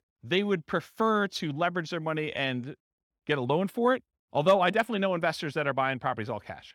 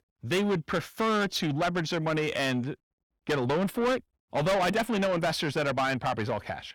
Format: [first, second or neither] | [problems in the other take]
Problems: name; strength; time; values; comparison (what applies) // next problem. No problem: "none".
first | distortion; heavy; 6 dB below the speech